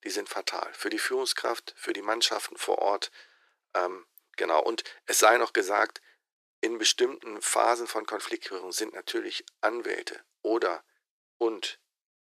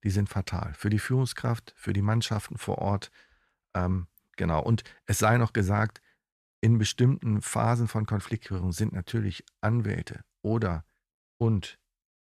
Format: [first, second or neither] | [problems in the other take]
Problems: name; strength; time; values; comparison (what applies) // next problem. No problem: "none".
second | thin; very; fading below 350 Hz